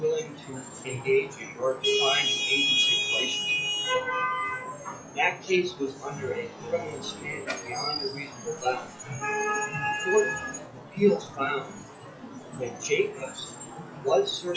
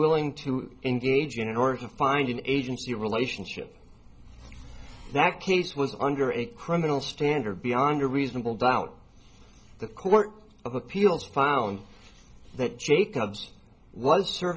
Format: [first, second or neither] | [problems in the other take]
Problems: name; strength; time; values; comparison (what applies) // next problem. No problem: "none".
second | noise reduction (classical method WPE with log-MMSE)